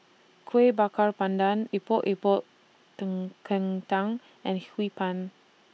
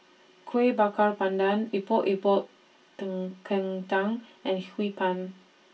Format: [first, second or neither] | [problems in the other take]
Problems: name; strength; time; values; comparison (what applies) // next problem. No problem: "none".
first | room echo; dies away in 0.2 s